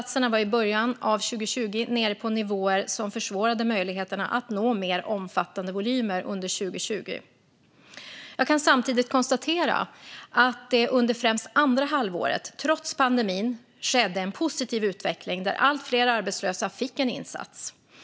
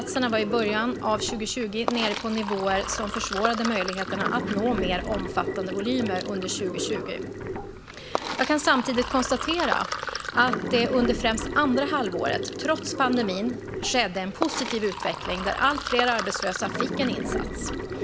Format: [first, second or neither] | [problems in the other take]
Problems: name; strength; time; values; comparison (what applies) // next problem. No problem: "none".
first | background sound (Sink (filling or washing)); 5 dB below the speech